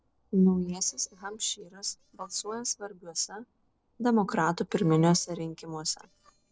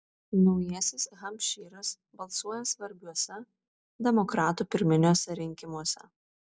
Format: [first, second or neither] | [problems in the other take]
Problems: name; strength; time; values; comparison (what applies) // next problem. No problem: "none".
second | noise reduction (neural separator model SepFormer DNS4)